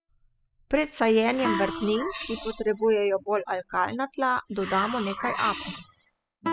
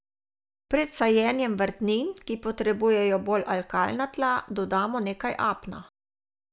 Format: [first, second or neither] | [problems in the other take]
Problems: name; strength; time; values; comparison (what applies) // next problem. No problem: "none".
second | noise reduction (classical method spectral subtraction)